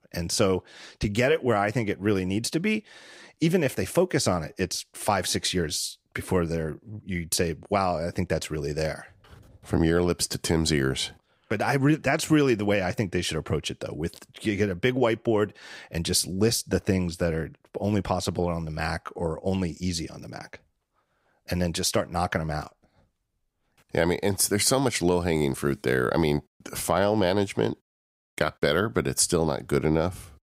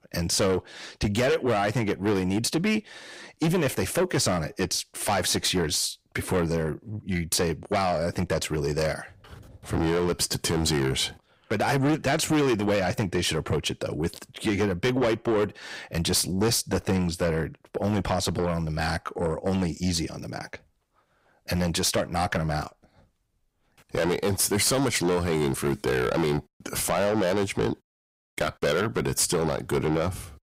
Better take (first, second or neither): first